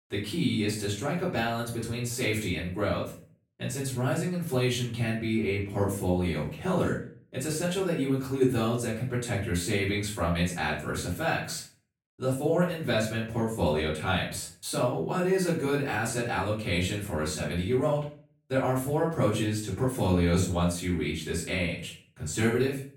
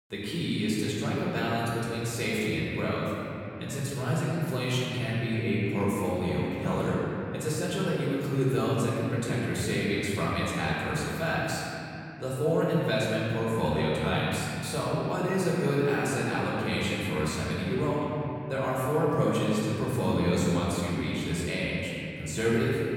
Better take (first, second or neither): first